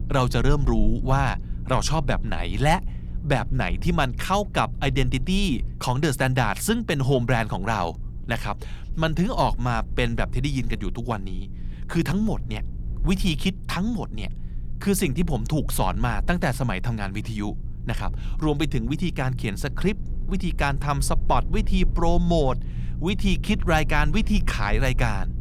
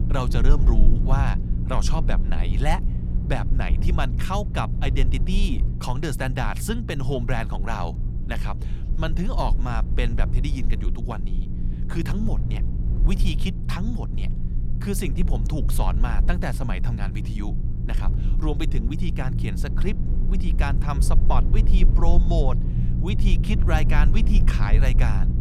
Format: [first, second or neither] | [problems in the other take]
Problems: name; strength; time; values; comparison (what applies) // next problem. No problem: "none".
first | low rumble; loud; throughout; 9 dB below the speech; faint in the first